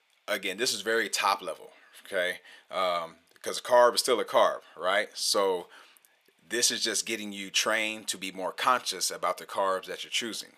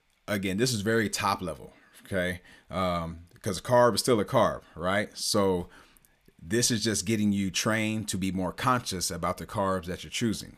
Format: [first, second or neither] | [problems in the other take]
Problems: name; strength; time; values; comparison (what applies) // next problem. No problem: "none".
second | thin; very; fading below 550 Hz